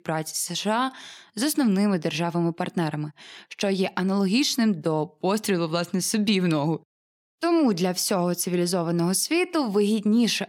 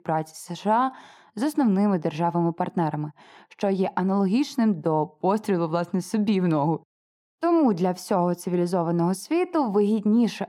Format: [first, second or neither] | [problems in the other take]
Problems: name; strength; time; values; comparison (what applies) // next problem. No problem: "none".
first | muffled; very; fading above 2 kHz